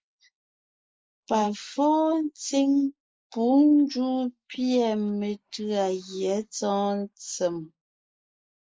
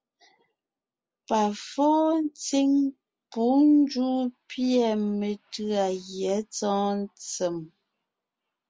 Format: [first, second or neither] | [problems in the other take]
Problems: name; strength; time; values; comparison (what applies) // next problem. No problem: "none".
second | noise reduction (neural mask model Resemble Enhance denoiser)